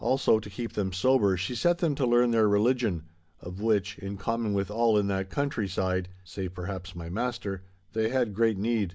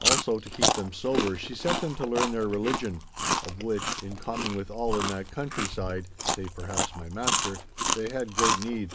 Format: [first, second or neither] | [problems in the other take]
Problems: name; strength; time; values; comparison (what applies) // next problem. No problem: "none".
first | background sound (Chewing, mastication); 2 dB above the speech